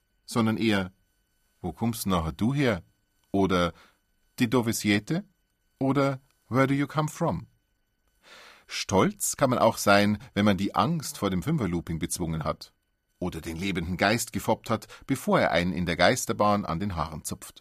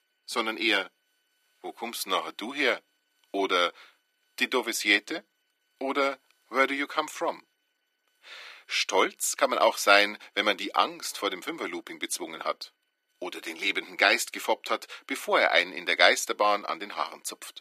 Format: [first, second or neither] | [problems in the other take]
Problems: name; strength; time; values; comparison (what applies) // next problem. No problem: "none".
first | thin; very; fading below 300 Hz